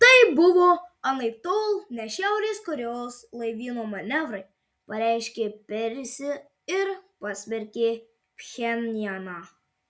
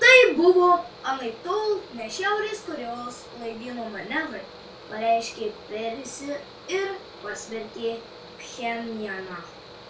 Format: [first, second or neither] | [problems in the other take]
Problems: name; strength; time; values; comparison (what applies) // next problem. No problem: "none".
first | background sound (Mechanical fan); 18 dB below the speech // room echo; dies away in 0.3 s